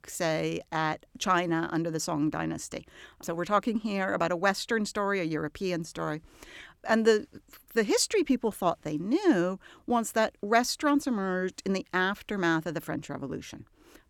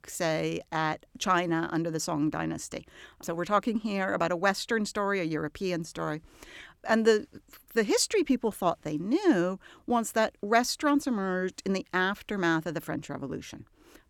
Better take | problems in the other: neither | none

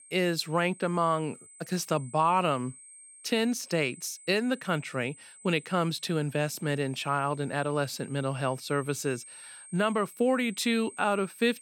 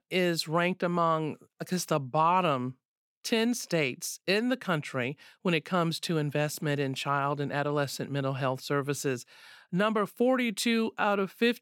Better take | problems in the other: second | high-pitched whine; noticeable; throughout; 8.5 kHz, 20 dB below the speech

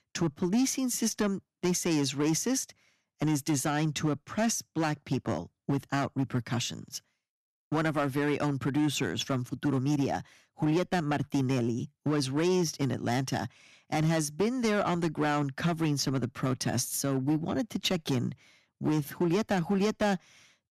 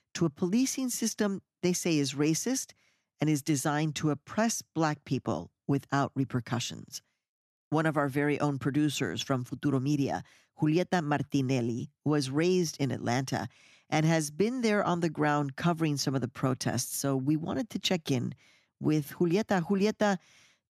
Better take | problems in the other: second | distortion; slight; 7% of the sound clipped

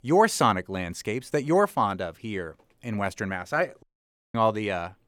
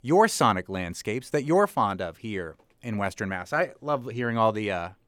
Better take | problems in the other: second | audio cutting out; at 4 s for 0.5 s

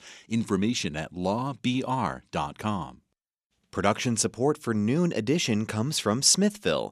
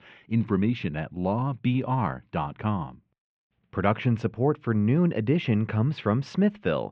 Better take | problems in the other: first | muffled; very; fading above 2.5 kHz

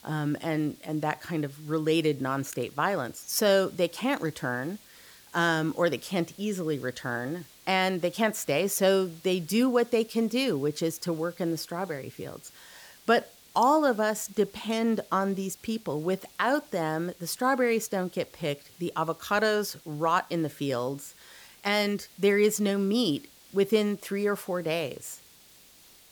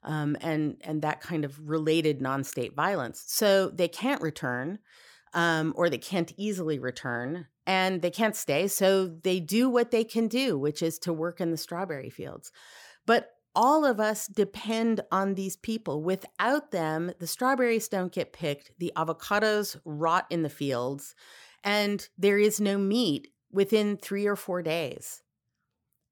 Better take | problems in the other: second | hiss; faint; throughout; 25 dB below the speech

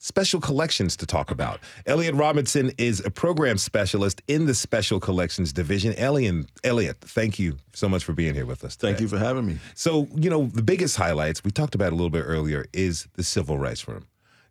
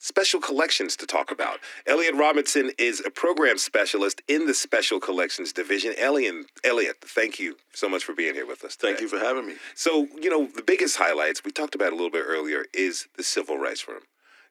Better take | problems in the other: first | thin; somewhat; fading below 300 Hz

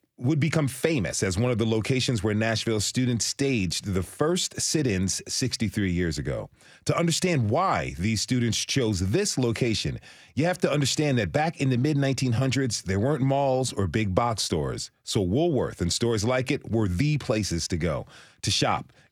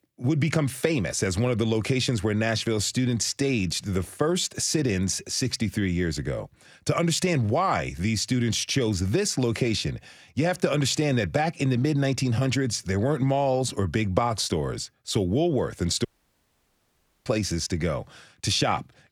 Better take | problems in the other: first | audio cutting out; at 16 s for 1 s

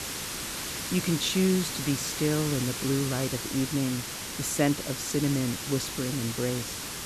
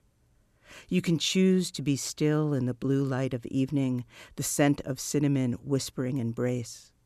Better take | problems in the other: second | hiss; loud; throughout; 4 dB below the speech

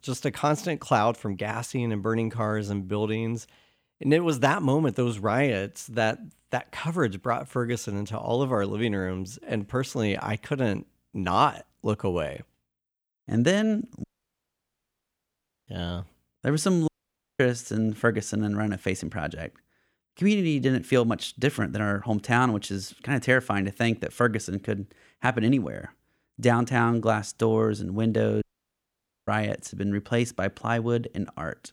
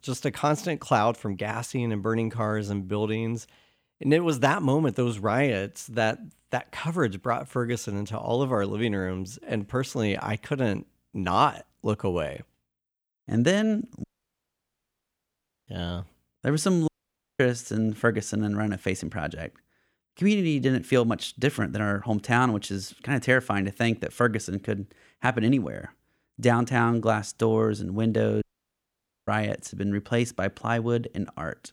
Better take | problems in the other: neither | audio cutting out; at 14 s for 1.5 s, at 17 s for 0.5 s and at 28 s for 1 s; the same in both

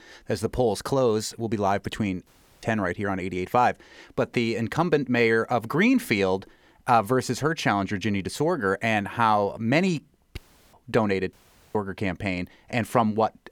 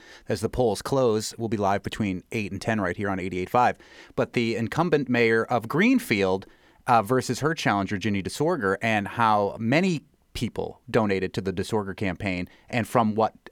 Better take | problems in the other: second | audio cutting out; at 2.5 s, at 10 s and at 11 s

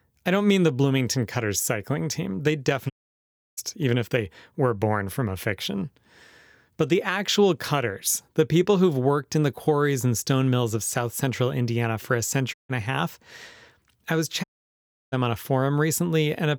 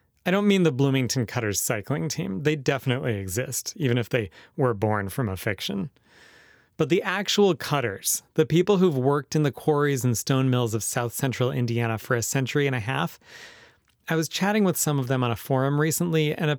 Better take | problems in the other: second | audio cutting out; at 3 s for 0.5 s, at 13 s and at 14 s for 0.5 s

